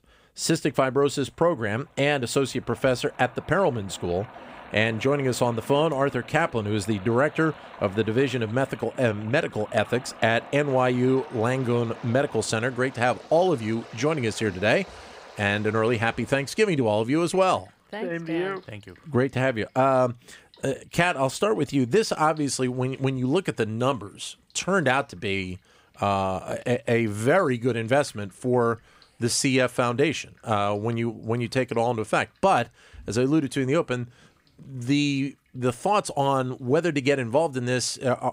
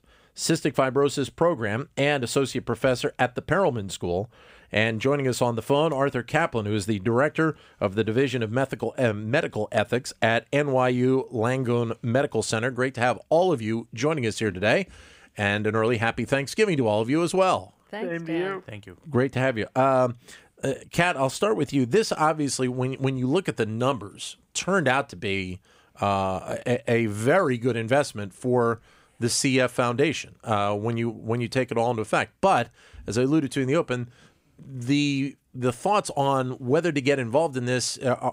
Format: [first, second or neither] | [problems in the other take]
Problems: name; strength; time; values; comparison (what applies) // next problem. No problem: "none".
second | rain or running water; faint; throughout; 20 dB below the speech